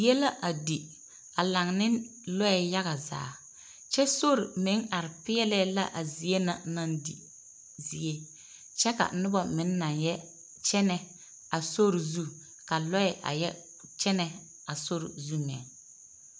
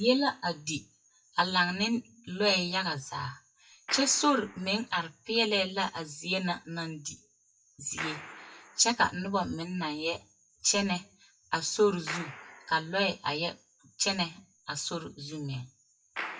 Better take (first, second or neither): first